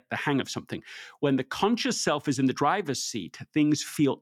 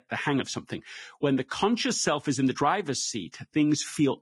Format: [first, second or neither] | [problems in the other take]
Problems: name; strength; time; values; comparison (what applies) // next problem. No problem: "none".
first | garbled, watery; badly; nothing above 10.5 kHz